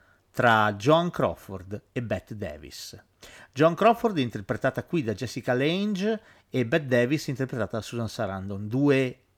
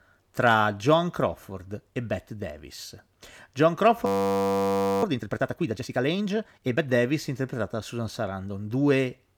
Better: first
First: none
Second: audio freezing; at 4 s for 1 s

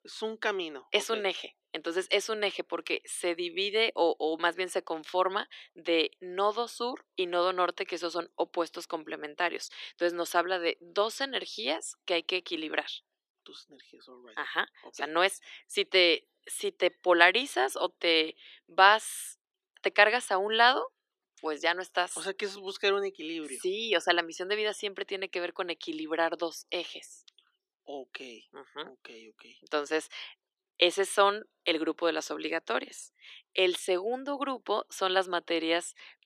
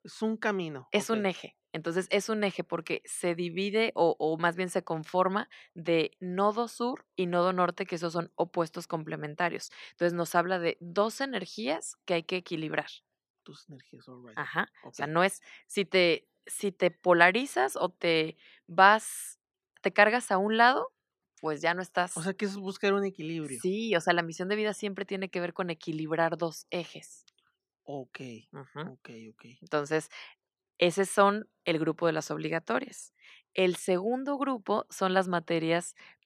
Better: second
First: thin; somewhat; fading below 300 Hz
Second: none

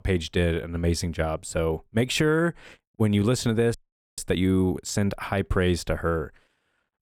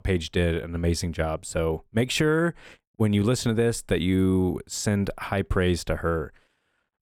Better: second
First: audio freezing; at 3.5 s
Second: none

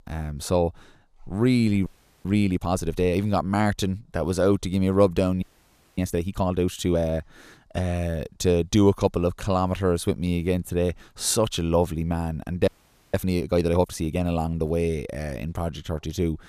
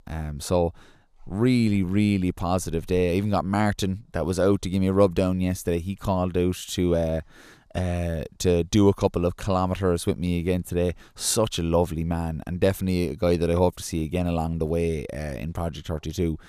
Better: second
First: audio freezing; at 2 s, at 5.5 s for 0.5 s and at 13 s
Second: none

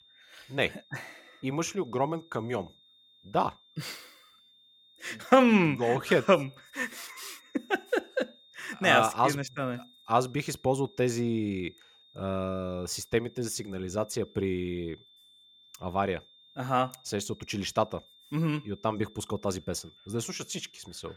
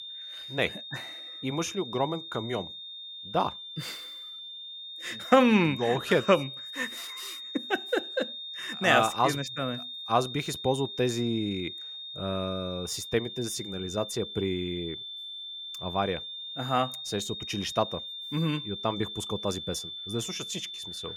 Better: first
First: high-pitched whine; faint; throughout; 3.5 kHz, 25 dB below the speech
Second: high-pitched whine; loud; throughout; 3.5 kHz, 8 dB below the speech

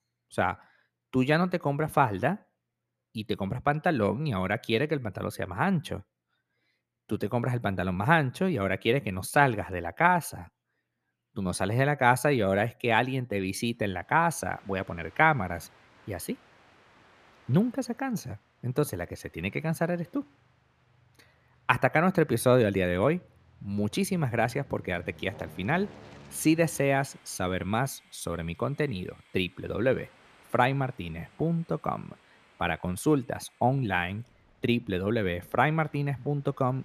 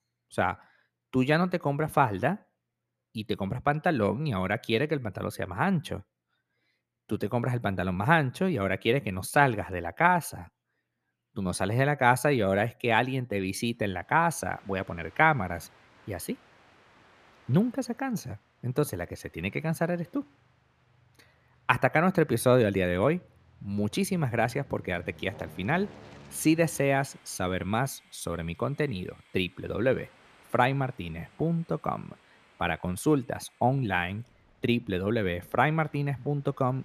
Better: neither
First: train or aircraft noise; faint; from 14 s on; 30 dB below the speech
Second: train or aircraft noise; faint; from 14 s on; 30 dB below the speech

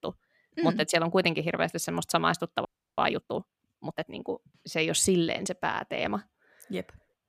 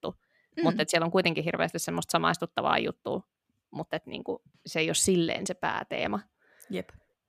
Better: second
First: audio freezing; at 2.5 s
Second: none

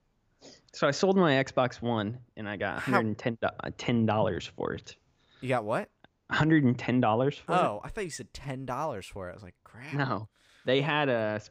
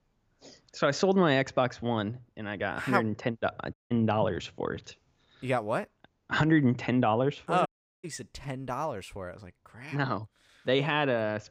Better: first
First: none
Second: audio cutting out; at 3.5 s and at 7.5 s

